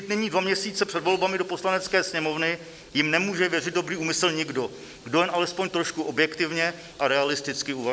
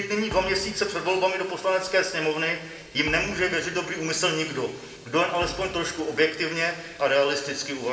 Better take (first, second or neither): first